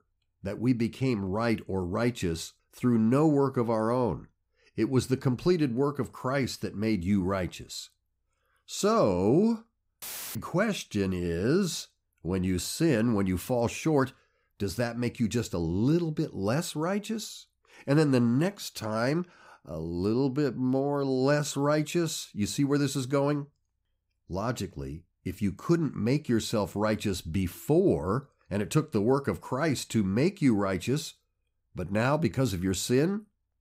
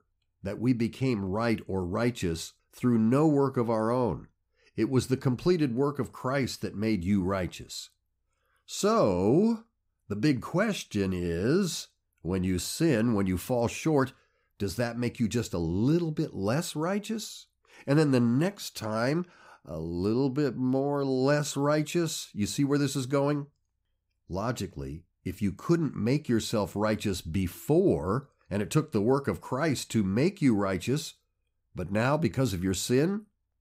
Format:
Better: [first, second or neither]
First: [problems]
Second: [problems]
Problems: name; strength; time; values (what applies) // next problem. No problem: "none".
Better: second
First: audio cutting out; filled with static; at 10 s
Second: none